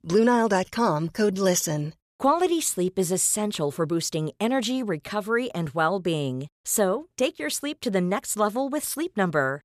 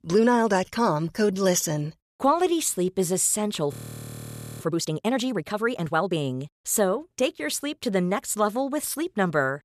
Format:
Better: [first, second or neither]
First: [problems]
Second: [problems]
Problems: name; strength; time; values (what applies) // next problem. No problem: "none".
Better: first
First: none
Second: audio freezing; at 3.5 s for 1 s